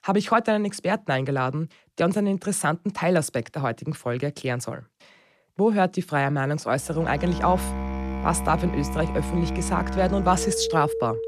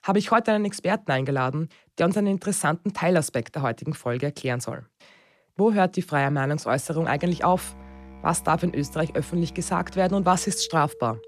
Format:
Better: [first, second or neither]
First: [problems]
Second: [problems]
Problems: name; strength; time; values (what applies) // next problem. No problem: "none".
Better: second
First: background music; loud; from 7 s on; 6 dB below the speech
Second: background music; faint; from 7 s on; 20 dB below the speech